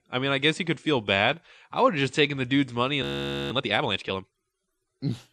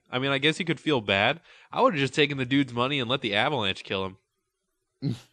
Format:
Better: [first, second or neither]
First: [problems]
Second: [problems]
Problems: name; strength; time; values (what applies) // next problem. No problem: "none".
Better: second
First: audio freezing; at 3 s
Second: none